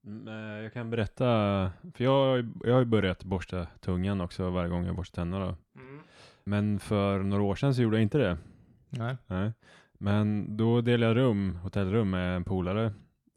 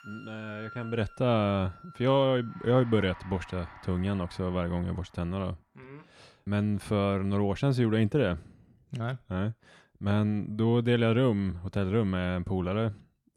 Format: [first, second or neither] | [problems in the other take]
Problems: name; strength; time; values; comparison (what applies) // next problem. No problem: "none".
first | background music; faint; until 5 s; 20 dB below the speech